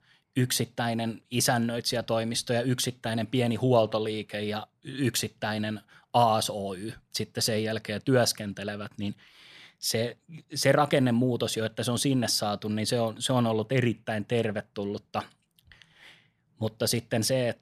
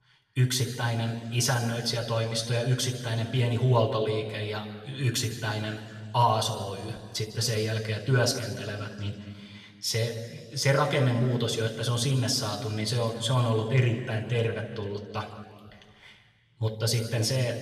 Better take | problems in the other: first | room echo; slight; dies away in 1.7 s // off-mic speech; somewhat distant

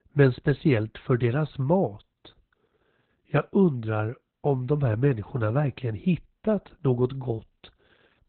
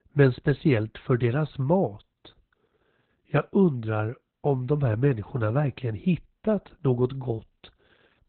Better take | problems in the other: neither | garbled, watery; badly; nothing above 4 kHz; the same in both

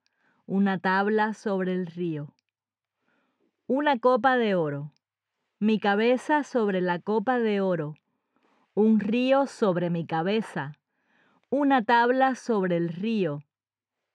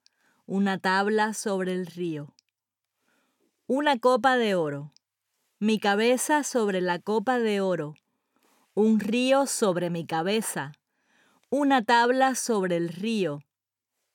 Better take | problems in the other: second | muffled; slightly; fading above 3 kHz

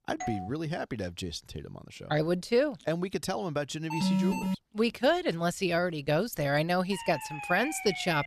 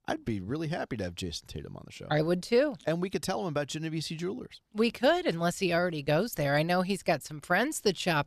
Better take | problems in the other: second | doorbell; noticeable; at the start; peak 8 dB below the speech // alarm; loud; at 4 s; peak 2 dB above the speech // siren; noticeable; from 7 s on; peak 6 dB below the speech

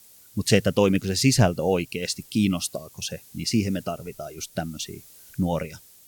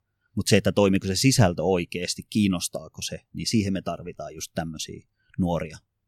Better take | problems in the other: second | hiss; faint; throughout; 25 dB below the speech

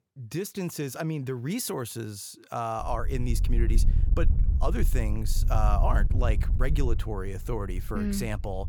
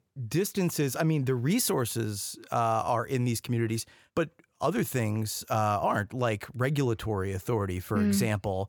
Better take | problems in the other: second | wind noise on the microphone; occasional gusts; from 3 s on; 15 dB below the speech

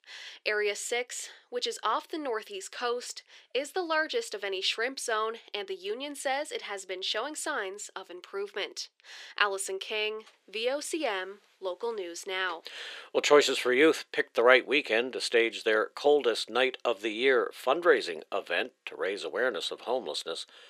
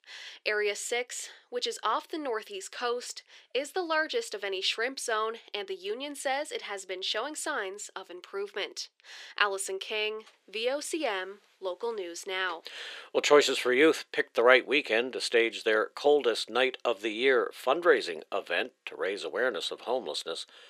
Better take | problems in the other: neither | thin; very; fading below 400 Hz; the same in both

